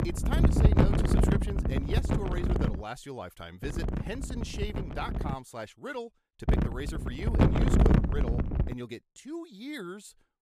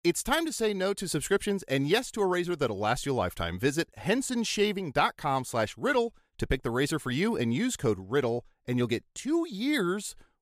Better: second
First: wind noise on the microphone; heavy; until 3 s, from 3.5 to 5.5 s and from 6.5 to 8.5 s; 5 dB above the speech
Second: none

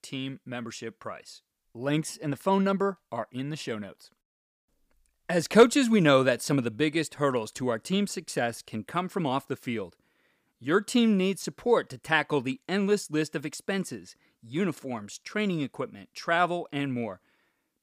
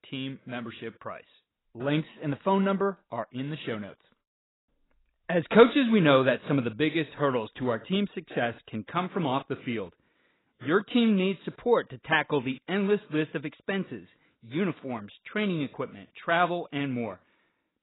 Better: first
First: none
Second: garbled, watery; badly; nothing above 4 kHz

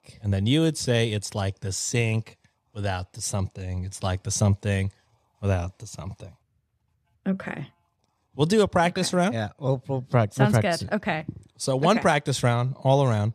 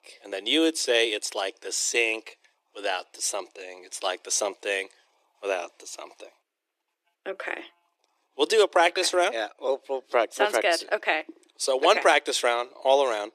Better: first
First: none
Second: thin; very; fading below 300 Hz

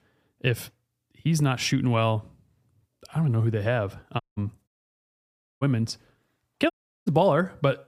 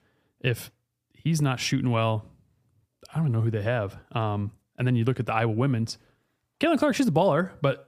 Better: second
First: audio cutting out; at 4 s, at 4.5 s for 1 s and at 6.5 s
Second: none

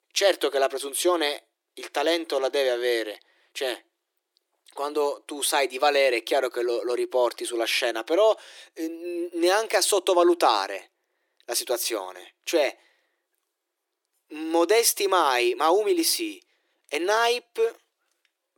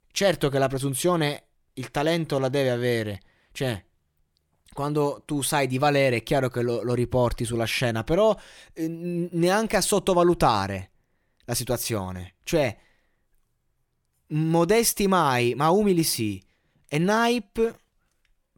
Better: second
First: thin; very; fading below 350 Hz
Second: none

